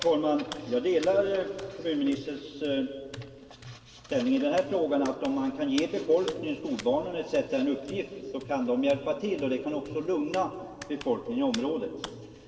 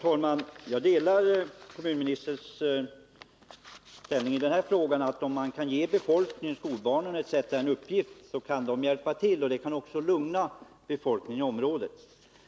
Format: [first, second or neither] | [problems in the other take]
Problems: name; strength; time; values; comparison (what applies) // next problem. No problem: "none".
second | background sound (Hands); 17 dB below the speech // room echo; dies away in 2.1 s